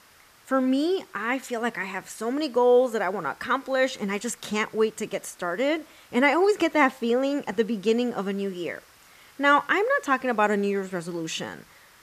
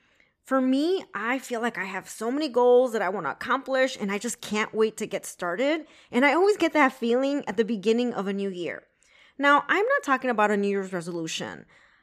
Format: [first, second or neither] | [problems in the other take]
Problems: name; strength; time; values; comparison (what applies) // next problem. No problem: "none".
second | hiss; faint; throughout; 30 dB below the speech